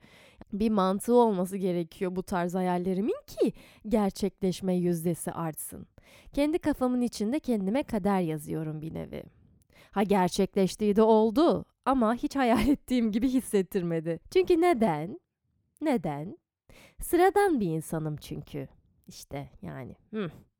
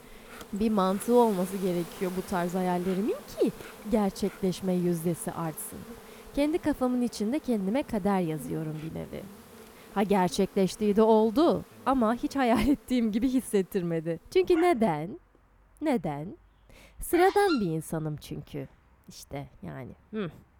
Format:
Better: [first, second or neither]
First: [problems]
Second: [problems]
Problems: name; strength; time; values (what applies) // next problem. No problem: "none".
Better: first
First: none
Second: animal sounds; noticeable; throughout; 20 dB below the speech